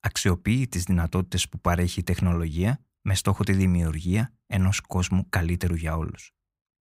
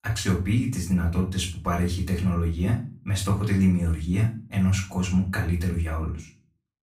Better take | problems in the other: first | off-mic speech; far // room echo; slight; dies away in 0.3 s

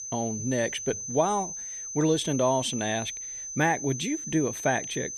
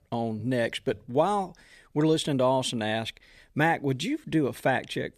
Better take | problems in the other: second | high-pitched whine; loud; throughout; 6 kHz, 6 dB below the speech

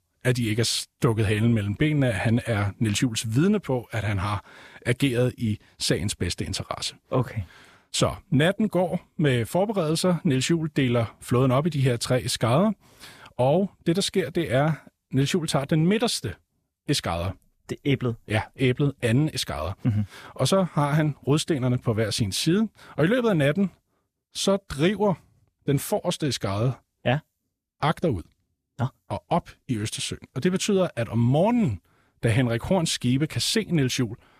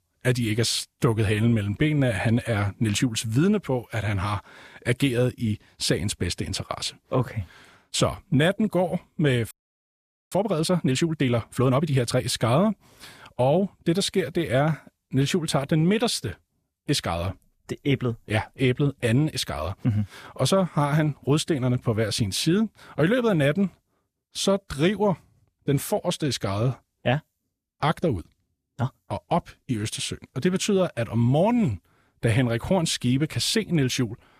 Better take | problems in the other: first | audio freezing; at 9.5 s for 1 s

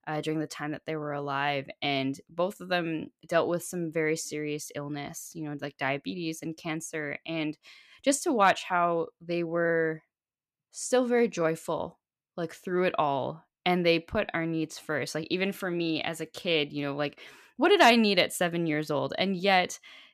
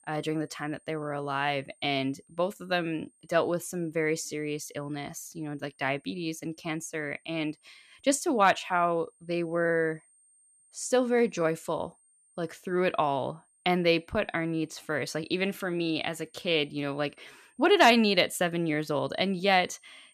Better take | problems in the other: first | high-pitched whine; faint; throughout; 8.5 kHz, 35 dB below the speech

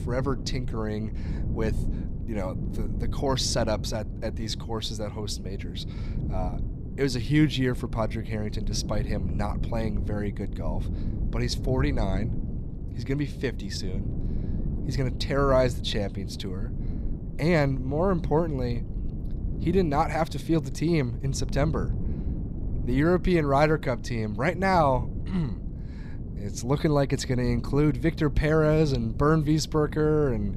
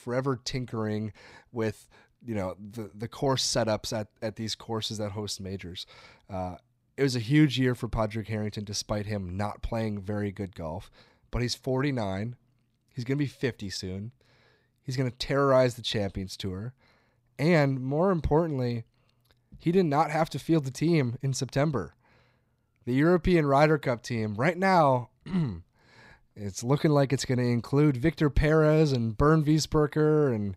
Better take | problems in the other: second | wind noise on the microphone; occasional gusts; 15 dB below the speech

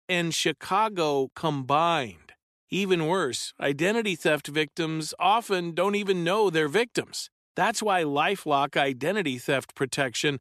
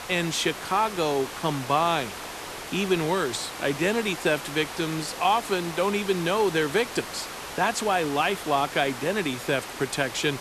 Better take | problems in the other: first | hiss; loud; throughout; 10 dB below the speech

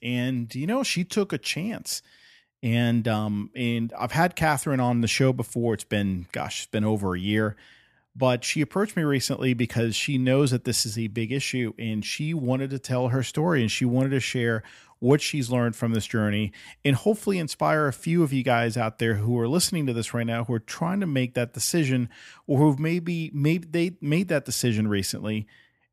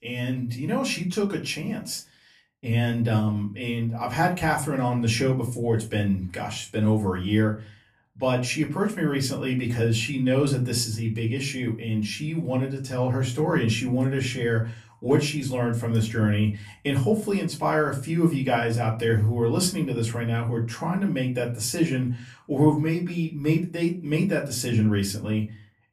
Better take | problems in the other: first | off-mic speech; far // room echo; very slight; dies away in 0.3 s

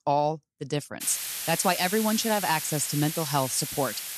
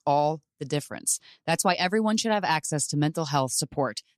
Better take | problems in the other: second | hiss; loud; from 1 s on; 4 dB below the speech

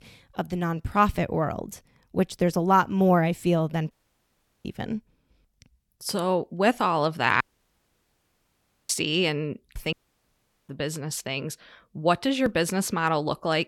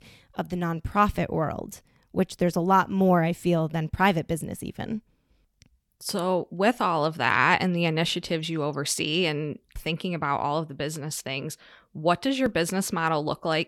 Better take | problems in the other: second | audio cutting out; at 4 s for 0.5 s, at 7.5 s for 1.5 s and at 10 s for 1 s

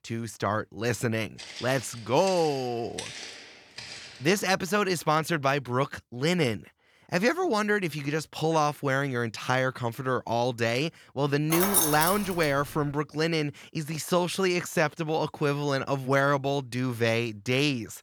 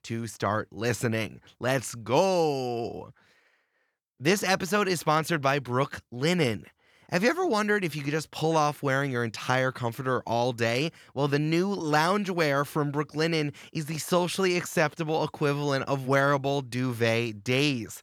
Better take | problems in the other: second | footsteps; noticeable; from 1.5 to 4.5 s; peak 9 dB below the speech // jangling keys; loud; at 12 s; peak 5 dB above the speech

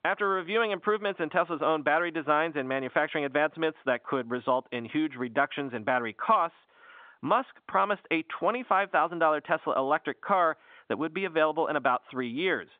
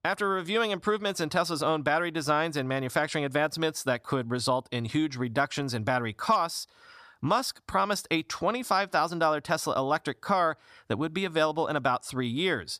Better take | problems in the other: second | phone-call audio; nothing above 3.5 kHz

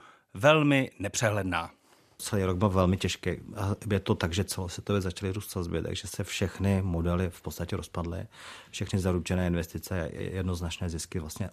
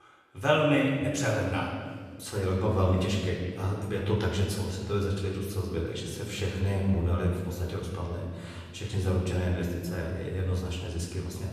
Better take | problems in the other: first | off-mic speech; far // room echo; noticeable; dies away in 1.6 s

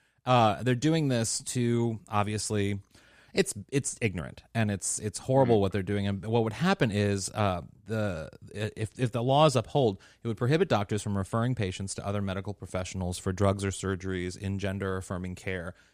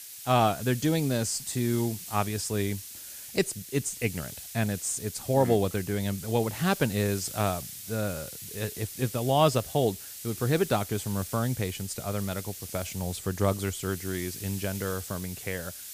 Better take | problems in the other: first | hiss; loud; throughout; 10 dB below the speech

